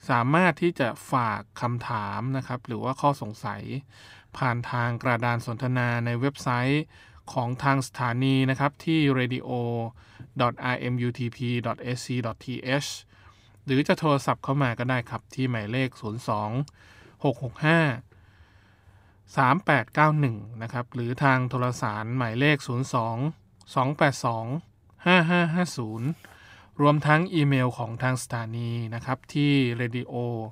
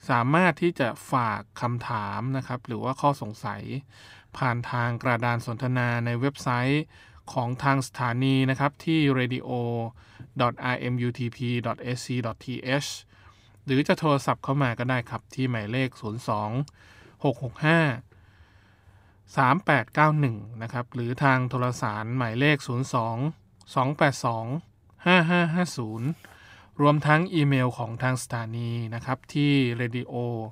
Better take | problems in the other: neither | none

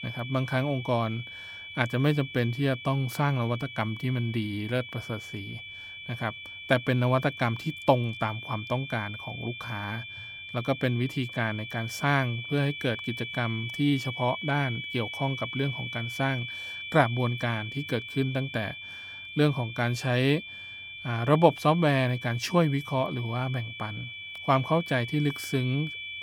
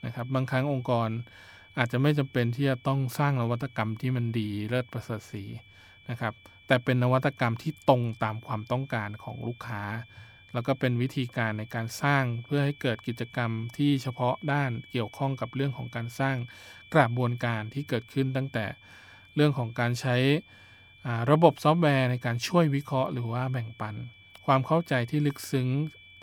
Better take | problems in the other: second | high-pitched whine; loud; throughout; 2.5 kHz, 9 dB below the speech; faint in the second

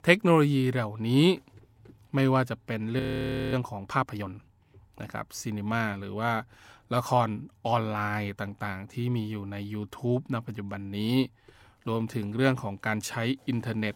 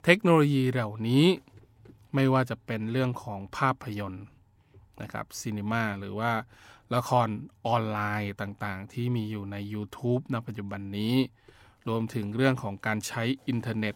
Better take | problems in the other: second | audio freezing; at 3 s for 0.5 s

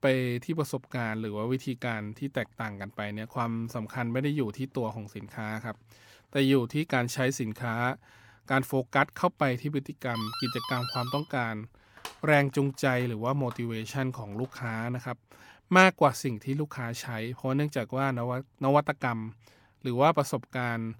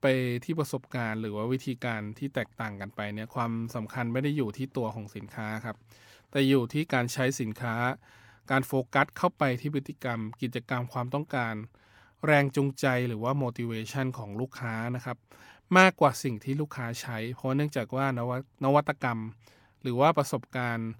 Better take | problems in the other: second | doorbell; noticeable; from 10 to 15 s; peak 5 dB below the speech

